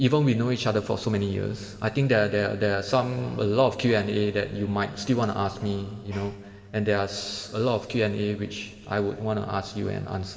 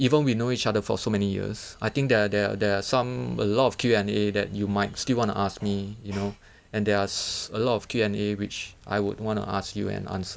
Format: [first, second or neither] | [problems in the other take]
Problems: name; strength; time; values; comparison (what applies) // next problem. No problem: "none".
second | room echo; dies away in 2.5 s